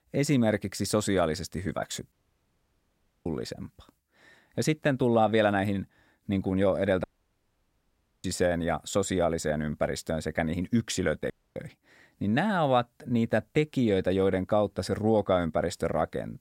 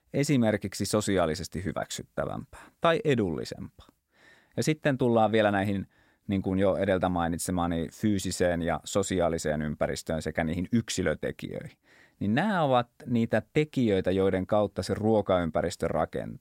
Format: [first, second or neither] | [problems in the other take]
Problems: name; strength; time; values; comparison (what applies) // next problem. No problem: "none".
second | audio cutting out; at 2 s for 1 s, at 7 s for 1 s and at 11 s